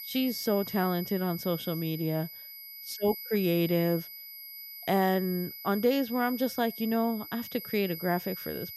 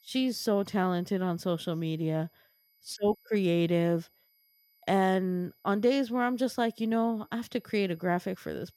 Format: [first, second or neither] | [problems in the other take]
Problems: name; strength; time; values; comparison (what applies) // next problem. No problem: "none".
second | high-pitched whine; loud; throughout; 12 kHz, 10 dB below the speech; faint in the second